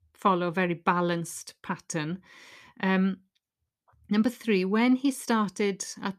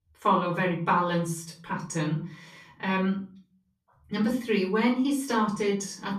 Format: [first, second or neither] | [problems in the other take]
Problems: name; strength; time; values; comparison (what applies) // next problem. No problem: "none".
first | off-mic speech; far // room echo; slight; dies away in 0.5 s